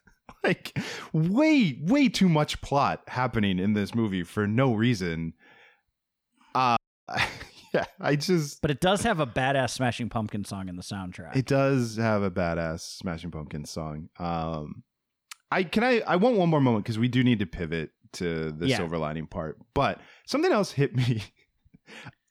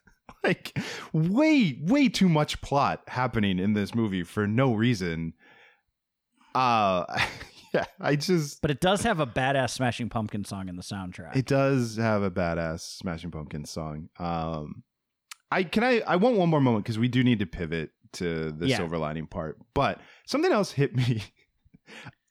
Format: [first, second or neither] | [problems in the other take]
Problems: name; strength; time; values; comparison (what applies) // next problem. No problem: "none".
second | audio cutting out; at 7 s